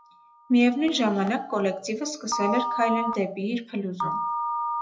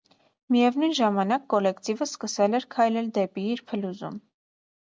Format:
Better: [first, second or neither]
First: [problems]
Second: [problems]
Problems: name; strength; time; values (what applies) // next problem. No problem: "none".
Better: second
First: noise reduction (classical method WPE with log-MMSE)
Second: none